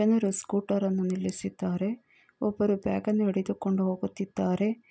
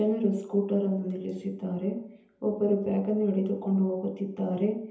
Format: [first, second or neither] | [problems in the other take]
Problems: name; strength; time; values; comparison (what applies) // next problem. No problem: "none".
first | room echo; dies away in 0.7 s